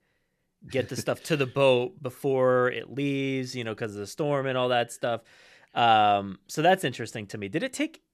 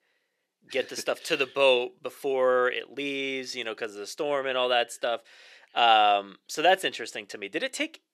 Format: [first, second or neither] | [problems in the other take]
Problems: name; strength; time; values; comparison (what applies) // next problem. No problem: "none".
first | thin; somewhat; fading below 450 Hz